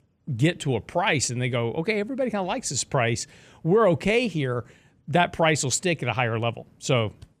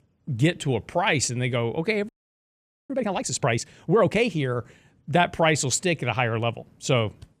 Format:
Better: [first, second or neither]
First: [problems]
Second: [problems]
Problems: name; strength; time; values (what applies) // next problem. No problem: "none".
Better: first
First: none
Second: audio freezing; at 2 s for 1 s